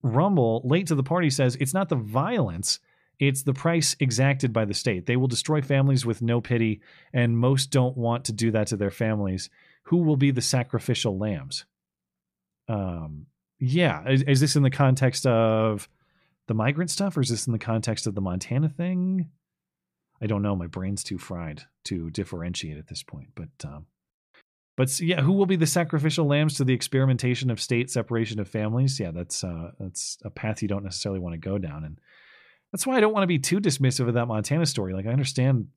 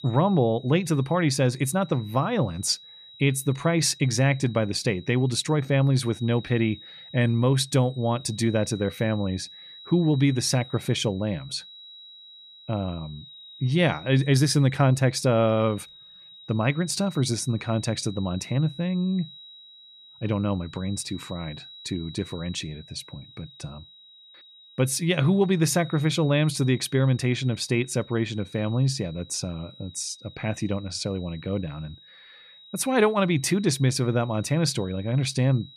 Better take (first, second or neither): first